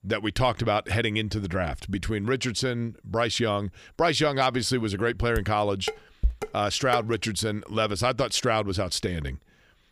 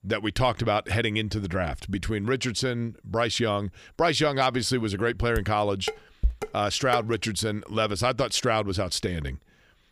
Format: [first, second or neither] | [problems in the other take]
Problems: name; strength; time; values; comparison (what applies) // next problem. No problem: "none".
neither | clattering dishes; noticeable; from 5.5 to 7 s; peak 5 dB below the speech; the same in both